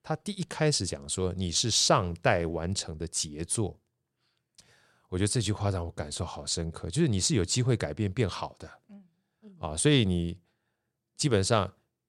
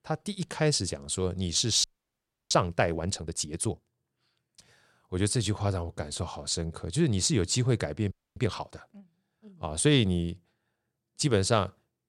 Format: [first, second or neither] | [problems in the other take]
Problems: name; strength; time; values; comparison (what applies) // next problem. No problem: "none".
first | audio freezing; at 2 s for 0.5 s and at 8 s